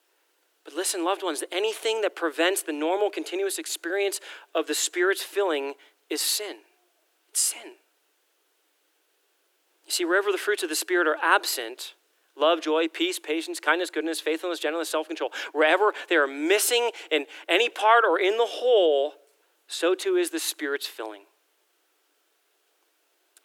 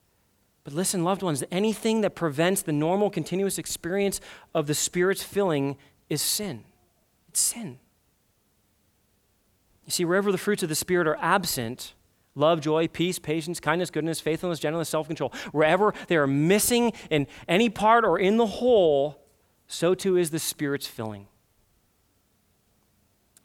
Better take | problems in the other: second | thin; very; fading below 300 Hz

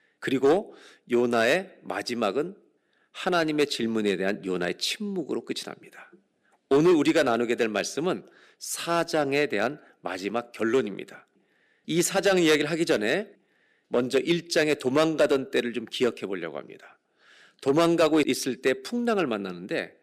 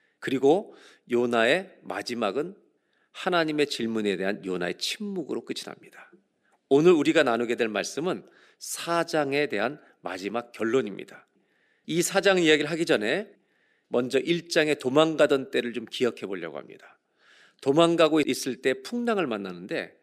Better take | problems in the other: second | distortion; slight; 2% of the sound clipped

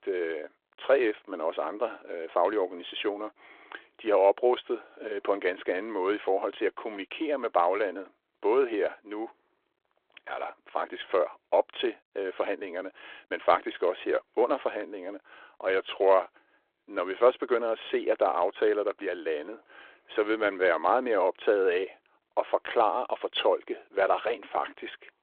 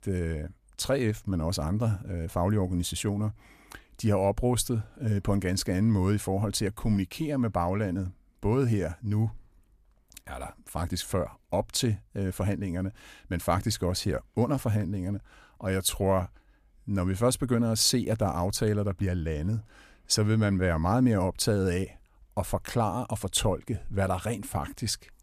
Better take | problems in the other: second | phone-call audio; nothing above 3.5 kHz

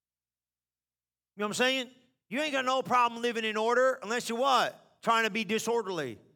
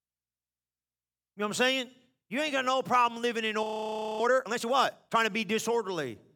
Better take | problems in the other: first | audio freezing; at 3.5 s for 0.5 s

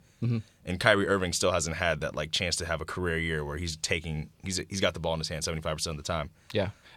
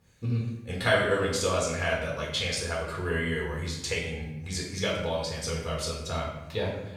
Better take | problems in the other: first | off-mic speech; far // room echo; noticeable; dies away in 0.8 s

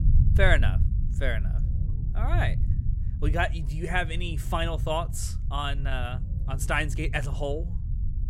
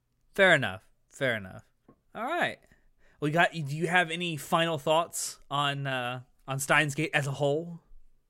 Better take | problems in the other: second | low rumble; noticeable; throughout; 15 dB below the speech

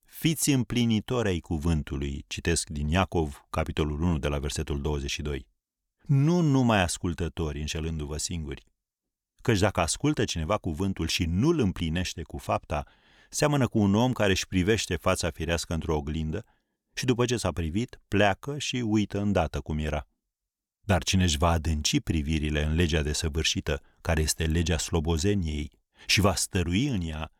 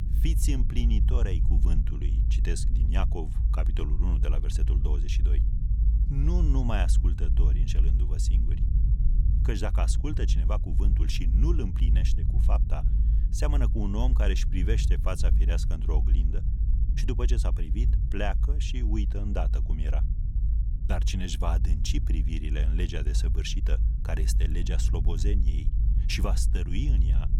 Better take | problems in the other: first | low rumble; loud; throughout; 8 dB below the speech

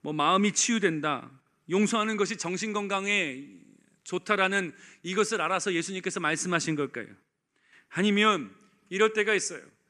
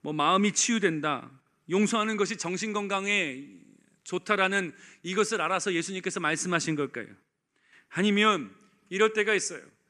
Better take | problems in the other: neither | none

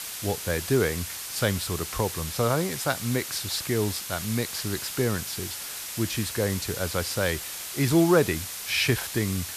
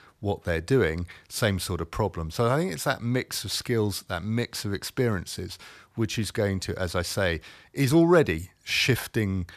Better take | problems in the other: second | hiss; loud; throughout; 6 dB below the speech

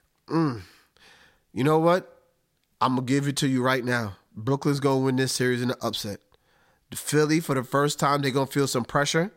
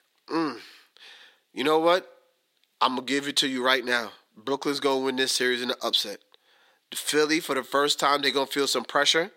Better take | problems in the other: first | thin; somewhat; fading below 300 Hz

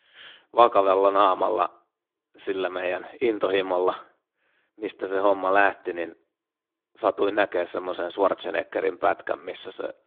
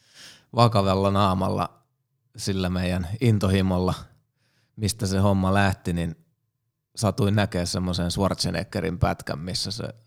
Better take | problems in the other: second | phone-call audio; nothing above 3.5 kHz

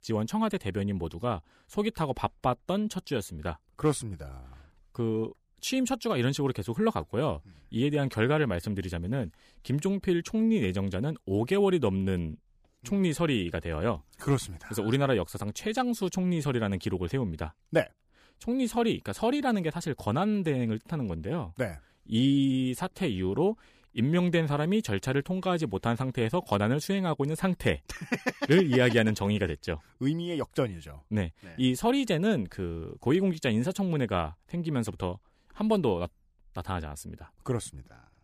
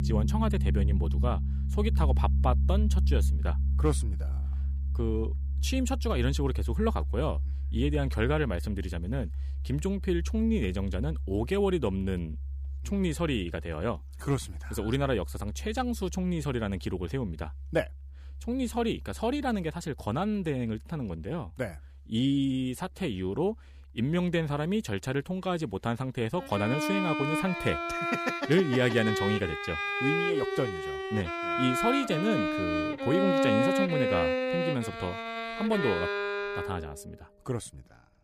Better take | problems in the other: first | background music; very loud; throughout; as loud as the speech

